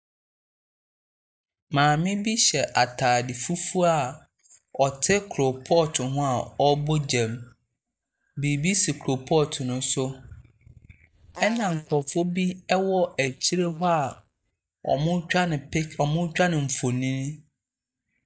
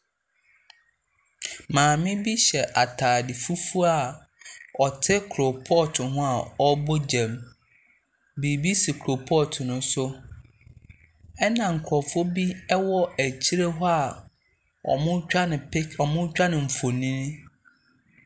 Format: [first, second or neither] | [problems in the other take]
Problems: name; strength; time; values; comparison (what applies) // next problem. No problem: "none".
second | noise reduction (neural mask model DeepFilterNet 3)